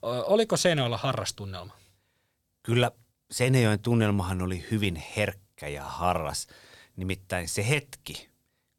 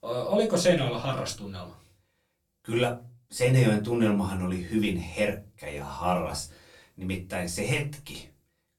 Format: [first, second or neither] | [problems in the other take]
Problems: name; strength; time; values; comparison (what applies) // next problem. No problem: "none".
first | off-mic speech; far // room echo; very slight; dies away in 0.2 s